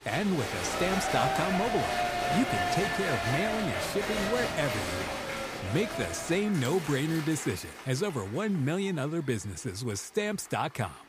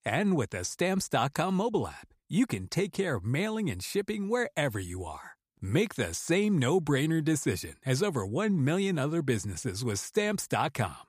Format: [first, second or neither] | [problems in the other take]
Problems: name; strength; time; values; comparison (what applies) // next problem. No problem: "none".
second | crowd noise; loud; throughout; as loud as the speech